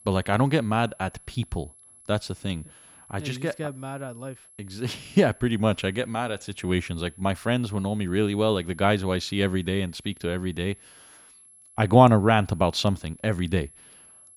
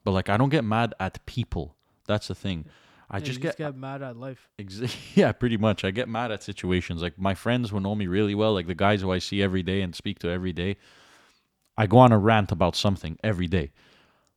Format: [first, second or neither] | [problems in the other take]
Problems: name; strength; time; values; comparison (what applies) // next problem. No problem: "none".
second | high-pitched whine; faint; throughout; 11 kHz, 25 dB below the speech